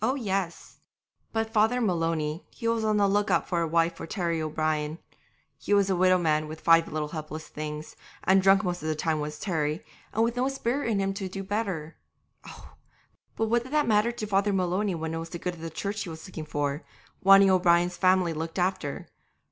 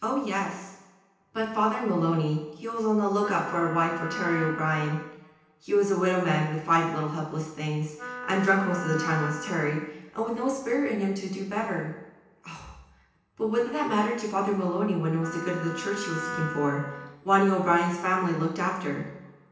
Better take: first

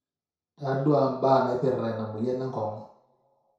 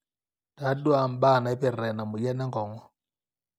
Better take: second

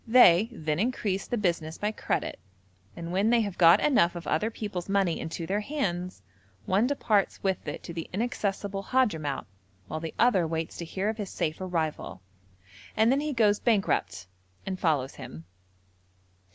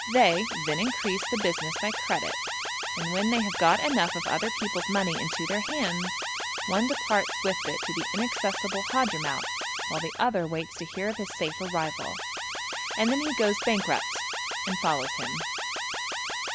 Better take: first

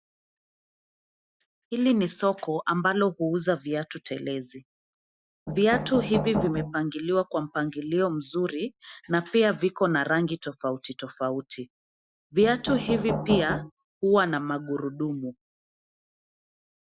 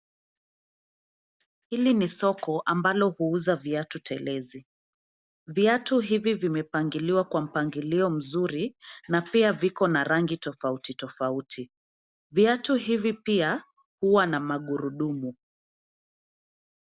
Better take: second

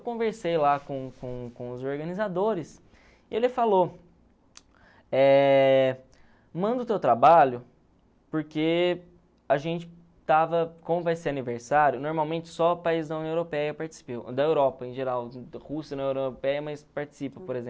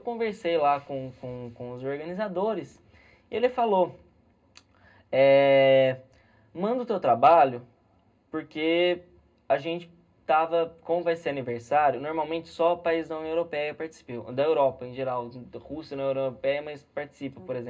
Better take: first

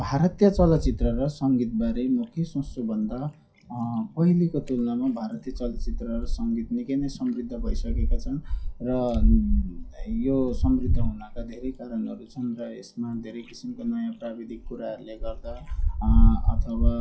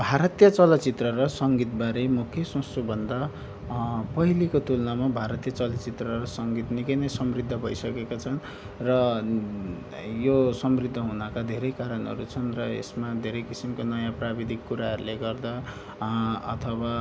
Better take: second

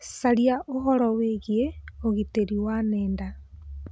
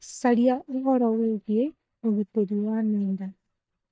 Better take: first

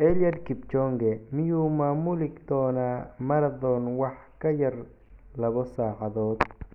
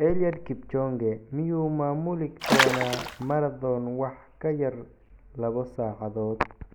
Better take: first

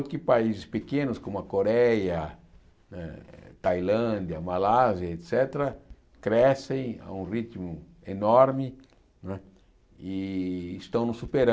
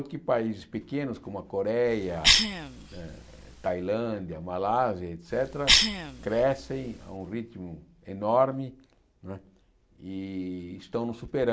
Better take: first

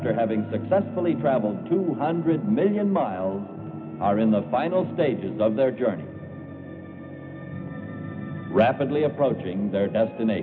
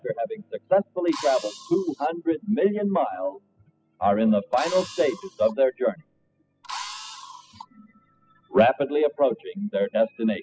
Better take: first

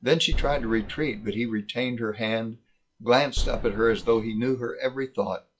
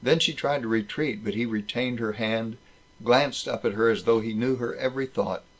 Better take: second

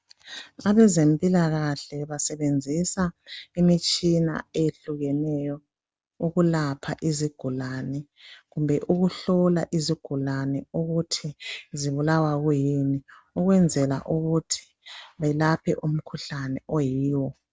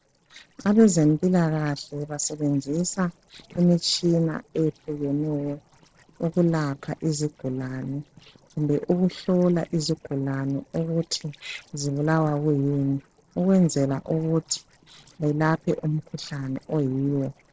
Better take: first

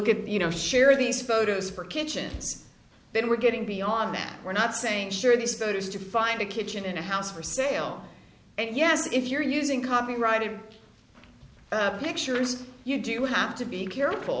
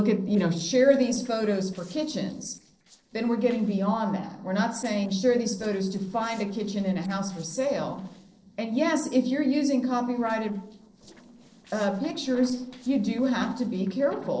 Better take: first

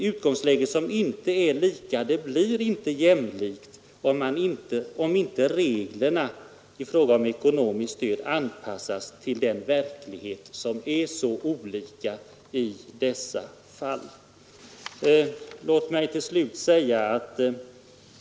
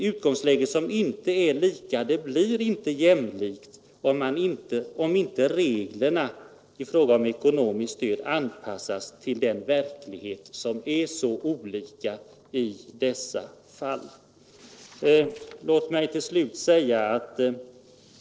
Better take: first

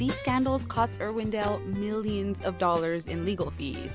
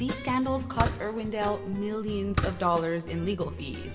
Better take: first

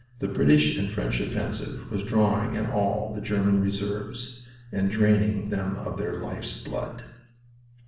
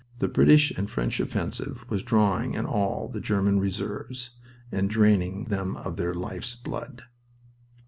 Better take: second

